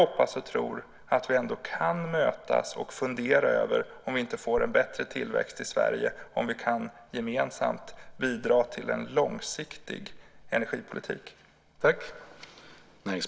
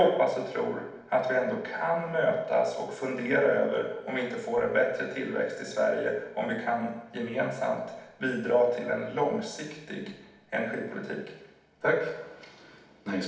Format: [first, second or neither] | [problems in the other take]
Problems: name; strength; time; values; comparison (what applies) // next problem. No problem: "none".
first | room echo; dies away in 0.8 s